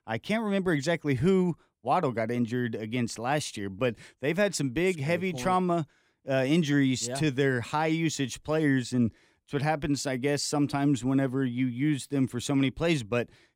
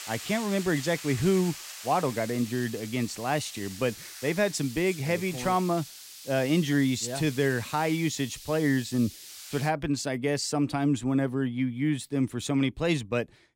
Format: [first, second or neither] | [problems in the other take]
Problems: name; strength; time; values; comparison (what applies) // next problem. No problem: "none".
first | hiss; noticeable; until 9.5 s; 15 dB below the speech